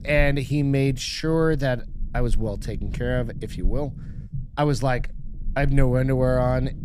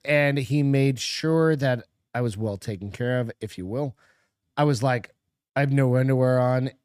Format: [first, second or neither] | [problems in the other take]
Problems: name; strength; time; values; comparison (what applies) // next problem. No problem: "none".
second | low rumble; faint; throughout; 20 dB below the speech